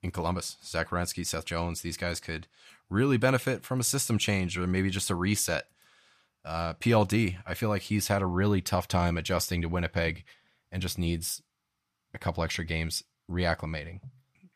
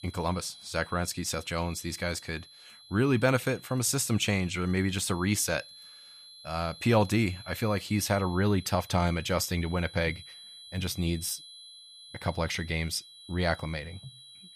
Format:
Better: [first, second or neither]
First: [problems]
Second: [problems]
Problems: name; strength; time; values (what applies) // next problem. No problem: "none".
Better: first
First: none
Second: high-pitched whine; noticeable; throughout; 4 kHz, 20 dB below the speech